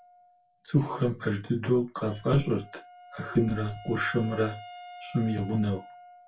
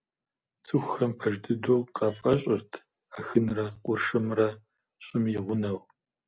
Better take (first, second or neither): second